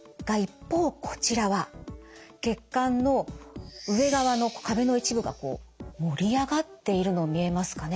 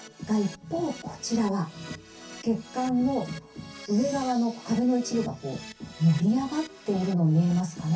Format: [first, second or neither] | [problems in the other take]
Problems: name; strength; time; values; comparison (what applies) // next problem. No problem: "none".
first | background sound (Keyboard (musical)); 19 dB below the speech // room echo; dies away in 0.3 s